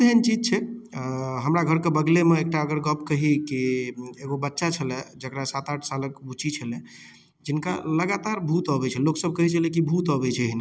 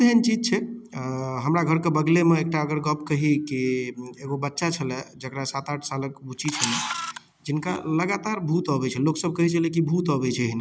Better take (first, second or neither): first